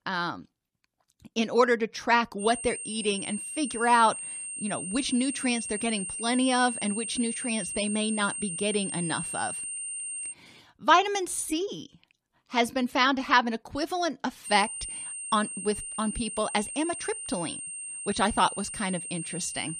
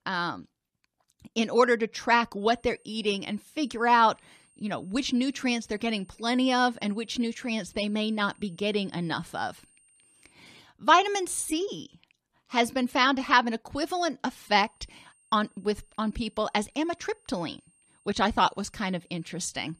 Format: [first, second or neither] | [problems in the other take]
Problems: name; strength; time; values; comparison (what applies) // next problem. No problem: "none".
second | high-pitched whine; loud; from 2.5 to 10 s and from 14 s on; 8.5 kHz, 6 dB below the speech; faint in the second